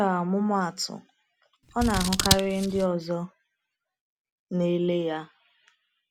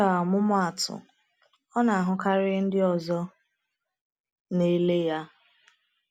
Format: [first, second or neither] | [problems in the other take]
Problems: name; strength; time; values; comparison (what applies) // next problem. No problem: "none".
second | background sound (Scissors); as loud as the speech